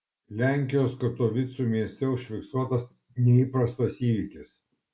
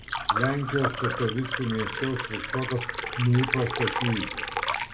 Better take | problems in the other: first | background sound (Liquid); 2 dB below the speech

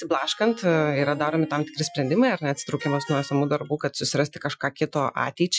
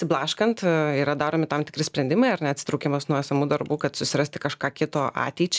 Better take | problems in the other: second | noise reduction (classical method Wiener filter)

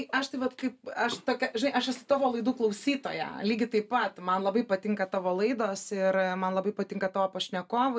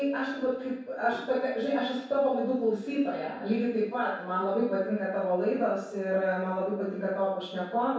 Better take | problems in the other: first | room echo; dies away in 0.7 s

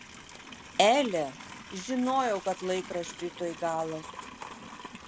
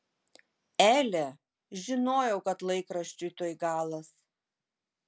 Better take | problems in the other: second | background sound (Livestock, farm animals, working animals); 14 dB below the speech

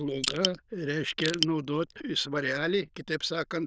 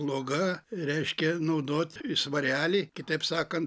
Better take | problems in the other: second | noise reduction (neural diffusion model UNIVERSE++)

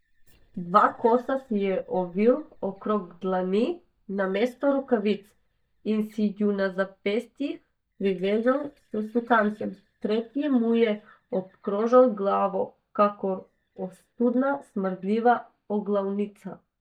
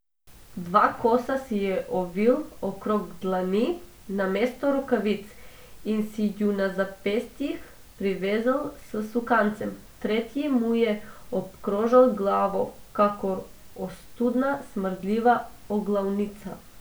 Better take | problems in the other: second | noise reduction (neural mask model DeepFilterNet 3)

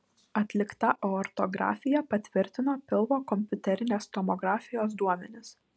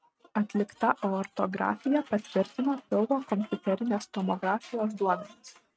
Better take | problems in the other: first | noise reduction (neural mask model RNNoise)

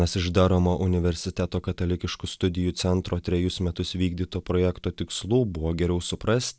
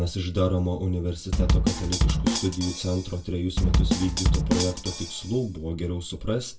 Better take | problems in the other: first | background sound (Bass drum / Snare drum); 3 dB above the speech // room echo; dies away in 0.2 s

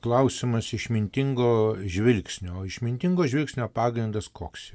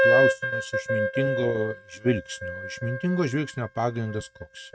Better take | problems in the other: first | noise reduction (neural mask model RNNoise)

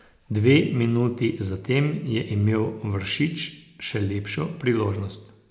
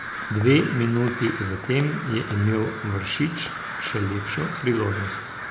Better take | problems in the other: first | background sound (Crow); 9 dB below the speech

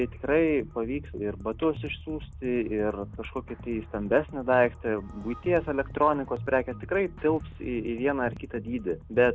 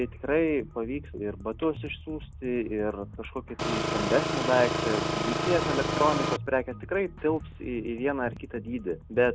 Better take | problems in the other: first | background sound (Engine); 1 dB above the speech

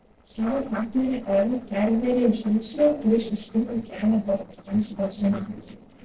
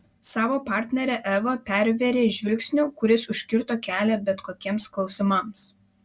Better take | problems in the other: second | noise reduction (neural separator model SepFormer DNS4)

